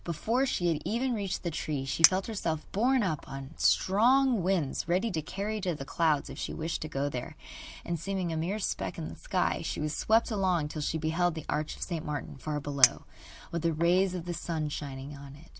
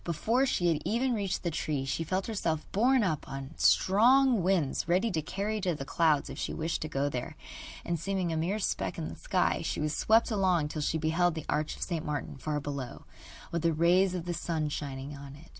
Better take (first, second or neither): second